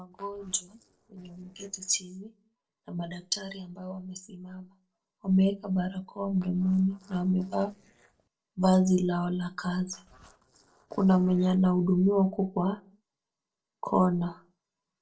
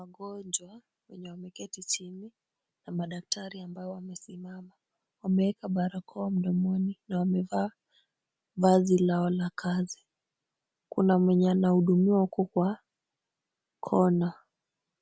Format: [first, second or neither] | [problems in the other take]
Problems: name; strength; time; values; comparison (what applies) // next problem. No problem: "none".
second | noise reduction (neural separator model SepFormer DNS4)